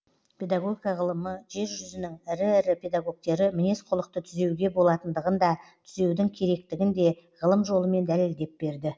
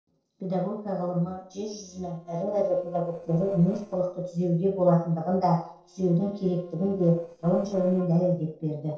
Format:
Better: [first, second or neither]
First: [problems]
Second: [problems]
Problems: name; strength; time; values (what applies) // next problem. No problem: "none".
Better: first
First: none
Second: noise reduction (neural separator model SepFormer DNS4)